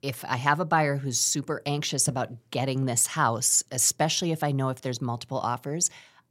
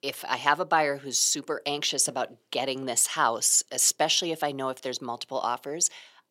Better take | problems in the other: first | thin; somewhat; fading below 400 Hz

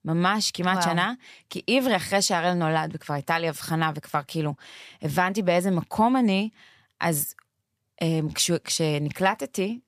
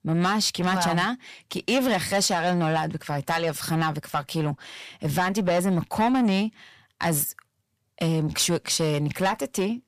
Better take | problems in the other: first | distortion; slight; 10 dB below the speech

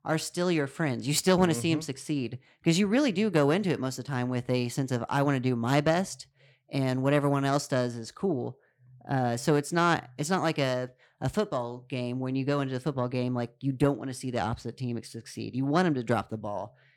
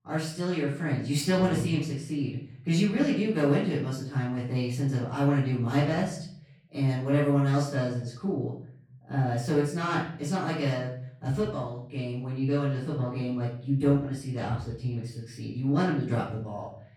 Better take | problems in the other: first | off-mic speech; far // room echo; noticeable; dies away in 0.6 s

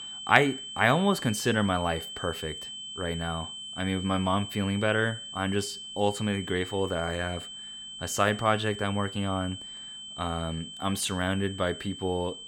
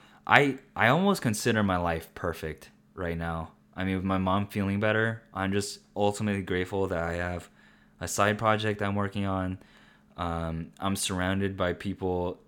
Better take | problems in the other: second | high-pitched whine; loud; throughout; 3 kHz, 10 dB below the speech

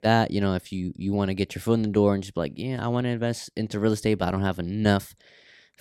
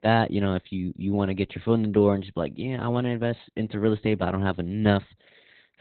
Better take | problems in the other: first | garbled, watery; badly; nothing above 4 kHz

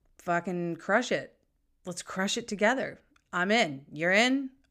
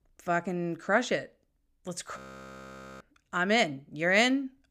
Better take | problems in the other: first | audio freezing; at 2 s for 1 s

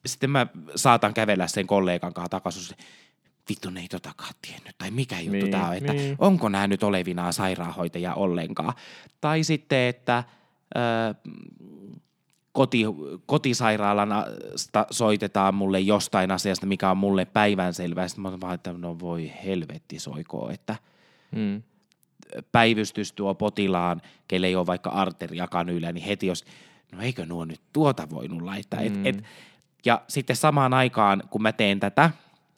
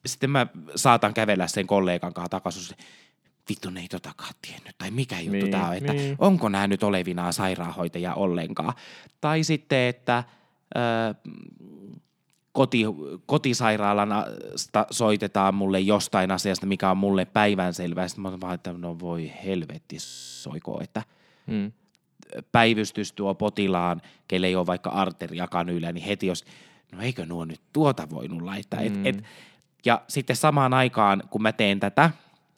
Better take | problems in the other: first | audio freezing; at 20 s

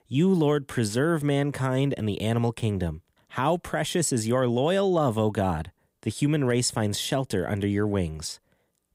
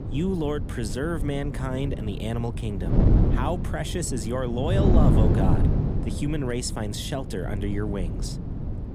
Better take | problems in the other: first | wind noise on the microphone; heavy; 4 dB below the speech

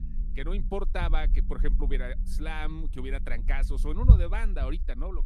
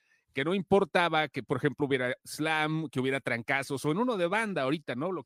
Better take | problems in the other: second | low rumble; loud; throughout; 9 dB below the speech

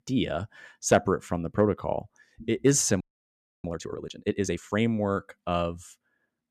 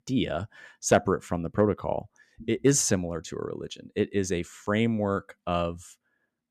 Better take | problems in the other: second | audio freezing; at 3 s for 0.5 s

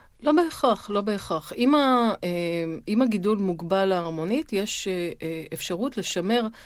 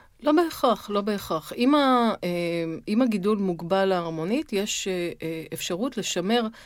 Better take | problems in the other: second | garbled, watery; slightly; nothing above 19 kHz

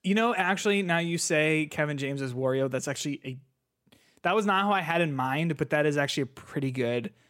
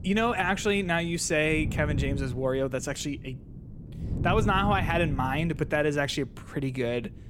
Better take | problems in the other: first | wind noise on the microphone; occasional gusts; 15 dB below the speech

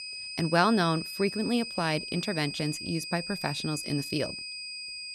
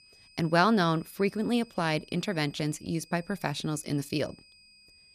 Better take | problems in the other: second | high-pitched whine; loud; throughout; 5 kHz, 7 dB below the speech; faint in the second

